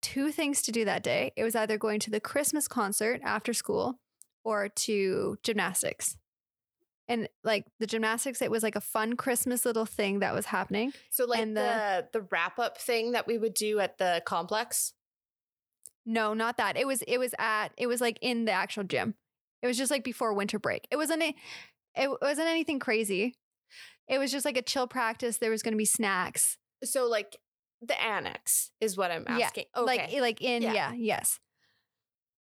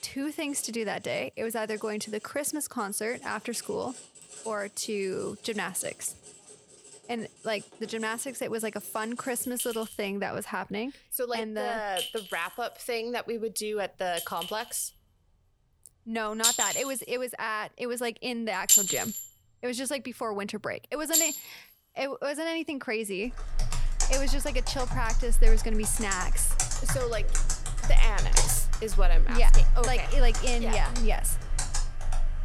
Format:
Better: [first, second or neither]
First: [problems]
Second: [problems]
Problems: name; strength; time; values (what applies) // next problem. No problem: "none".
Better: first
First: none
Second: household noises; very loud; throughout; 3 dB above the speech